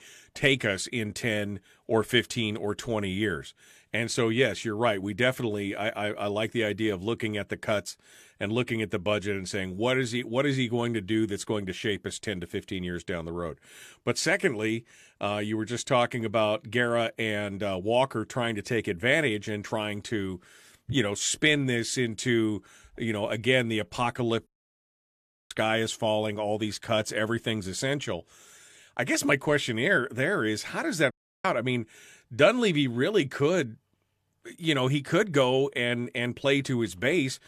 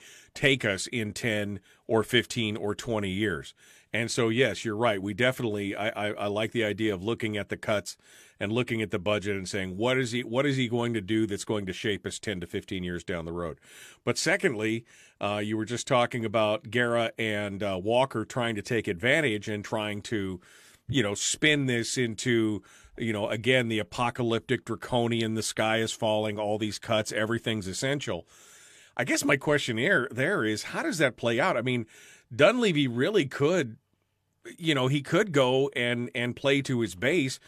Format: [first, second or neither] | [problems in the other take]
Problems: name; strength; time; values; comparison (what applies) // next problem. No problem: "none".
second | audio cutting out; at 24 s for 1 s and at 31 s